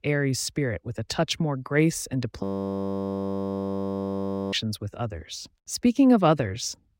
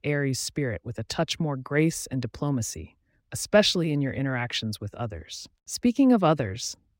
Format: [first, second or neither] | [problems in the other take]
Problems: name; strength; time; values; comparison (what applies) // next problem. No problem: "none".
second | audio freezing; at 2.5 s for 2 s